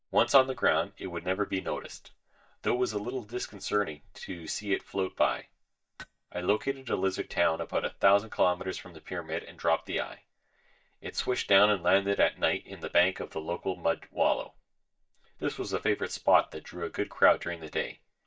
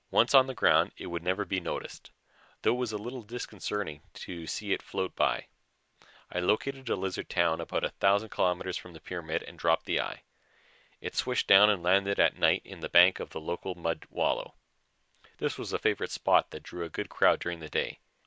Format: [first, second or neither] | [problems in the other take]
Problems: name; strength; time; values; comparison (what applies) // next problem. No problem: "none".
second | noise reduction (neural mask model DeepFilterNet 3)